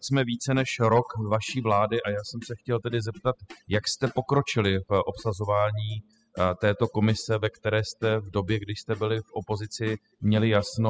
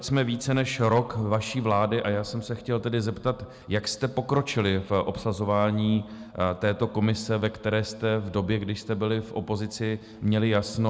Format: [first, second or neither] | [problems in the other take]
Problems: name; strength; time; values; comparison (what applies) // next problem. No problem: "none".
second | noise reduction (classical method spectral subtraction)